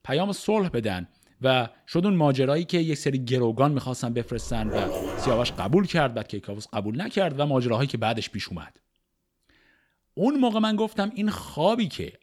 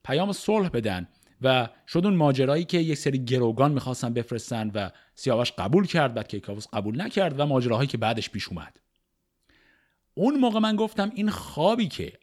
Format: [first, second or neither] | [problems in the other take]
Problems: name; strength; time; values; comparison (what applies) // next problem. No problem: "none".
second | dog barking; noticeable; from 4 to 6 s; peak 3 dB below the speech